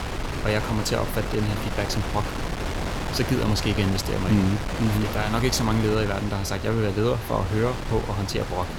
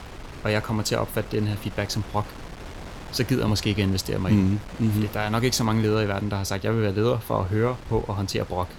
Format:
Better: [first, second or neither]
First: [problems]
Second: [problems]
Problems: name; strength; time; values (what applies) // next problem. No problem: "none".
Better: second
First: wind noise on the microphone; heavy; 4 dB below the speech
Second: wind noise on the microphone; occasional gusts; 15 dB below the speech